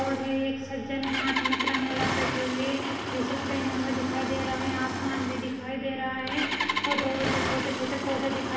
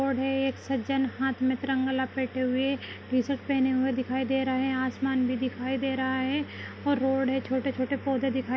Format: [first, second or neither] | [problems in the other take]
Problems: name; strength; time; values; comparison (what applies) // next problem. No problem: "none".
second | background sound (Engine starting); 1 dB below the speech // room echo; dies away in 1.3 s